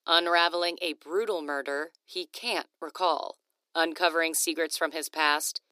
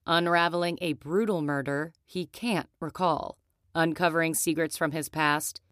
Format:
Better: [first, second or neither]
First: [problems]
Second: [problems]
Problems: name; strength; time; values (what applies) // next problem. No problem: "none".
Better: second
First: thin; somewhat; fading below 350 Hz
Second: none